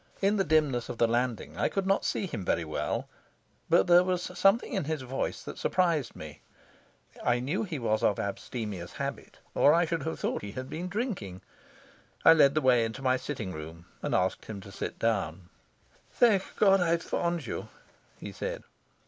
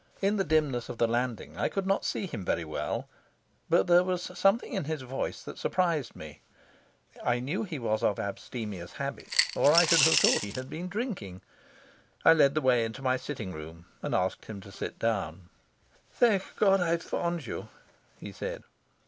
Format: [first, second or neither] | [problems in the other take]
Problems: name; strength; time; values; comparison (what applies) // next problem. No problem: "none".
first | background sound (Coin (dropping) / Glass); 1 dB above the speech